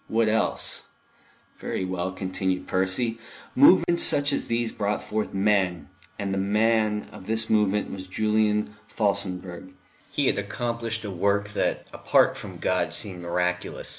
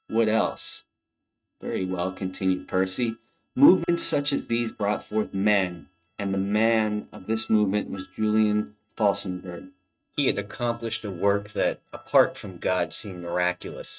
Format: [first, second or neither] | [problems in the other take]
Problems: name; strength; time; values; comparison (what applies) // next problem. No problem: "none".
first | noise reduction (neural mask model RNNoise)